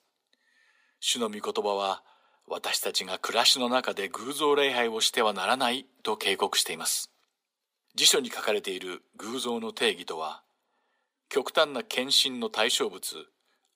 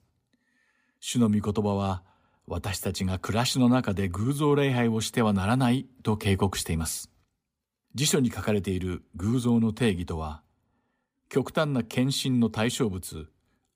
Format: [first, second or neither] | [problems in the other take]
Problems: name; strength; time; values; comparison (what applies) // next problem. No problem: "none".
second | thin; very; fading below 450 Hz